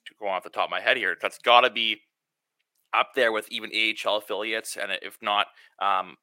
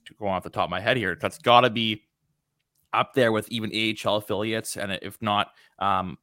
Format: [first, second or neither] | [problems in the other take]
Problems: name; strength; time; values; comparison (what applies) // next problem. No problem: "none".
second | thin; somewhat; fading below 450 Hz